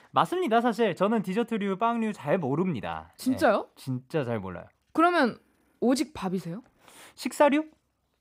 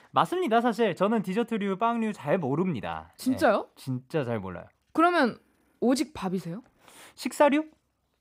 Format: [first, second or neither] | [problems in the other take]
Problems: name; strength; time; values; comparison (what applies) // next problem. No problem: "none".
neither | none